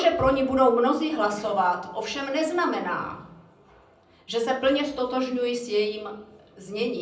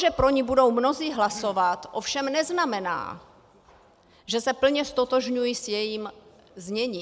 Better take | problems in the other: second | room echo; dies away in 0.6 s

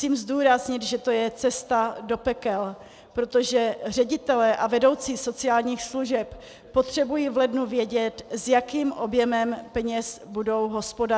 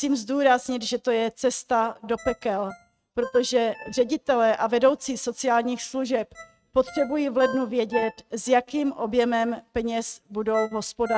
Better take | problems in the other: first | noise reduction (neural mask model RNNoise)

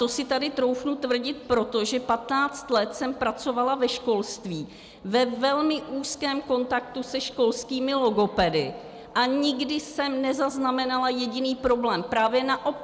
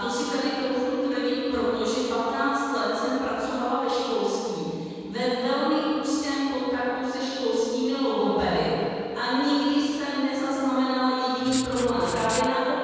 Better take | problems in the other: first | background sound (Writing); 11 dB below the speech // room echo; dies away in 2.1 s

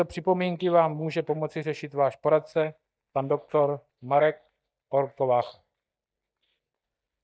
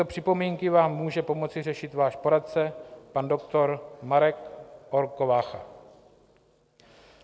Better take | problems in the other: second | noise reduction (neural mask model DeepFilterNet 3)

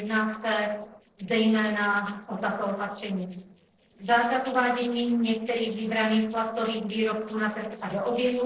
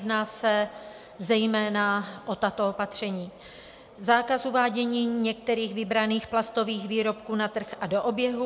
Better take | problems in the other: second | noise reduction (neural separator model SepFormer DNS4)

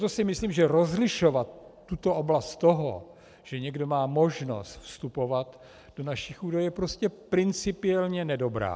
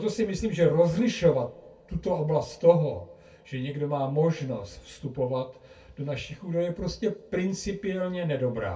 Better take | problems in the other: first | room echo; dies away in 0.2 s

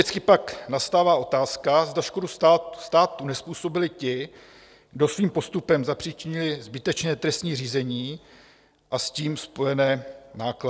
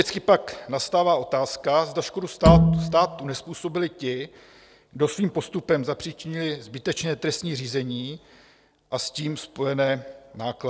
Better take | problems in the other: first | background sound (Bowed string instrument); 5 dB above the speech

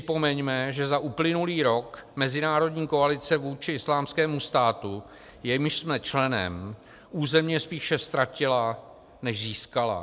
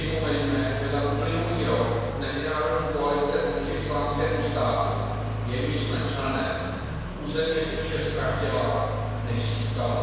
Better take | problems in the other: first | background sound (Accelerating, revving, vroom); 3 dB below the speech // room echo; dies away in 1.9 s

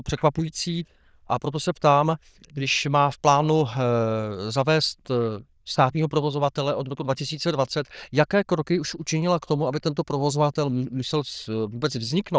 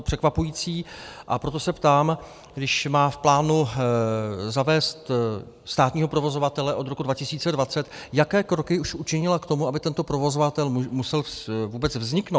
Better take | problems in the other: second | noise reduction (neural diffusion model UNIVERSE++)

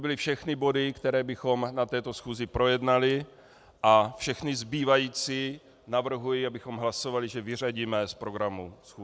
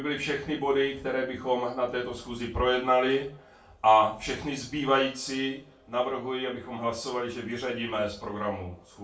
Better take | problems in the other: first | room echo; dies away in 0.3 s

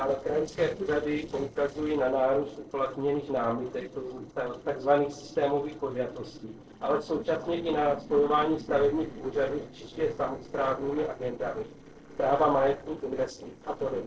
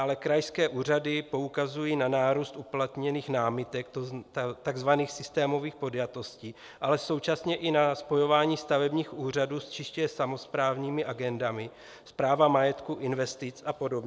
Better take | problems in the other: second | noise reduction (neural separator model SepFormer DNS4)

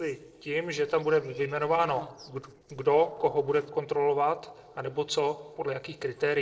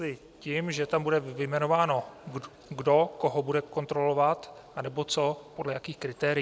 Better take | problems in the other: second | noise reduction (neural separator model SepFormer DNS4)

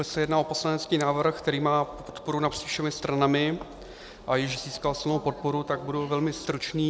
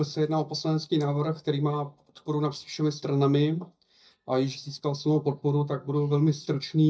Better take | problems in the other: first | noise reduction (neural mask model DeepFilterNet 3)

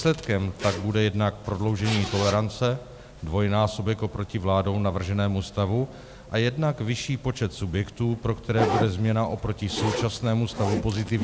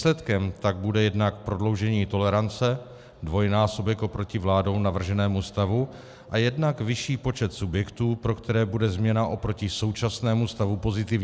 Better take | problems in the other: second | background sound (Zipper (clothing)); 10 dB below the speech

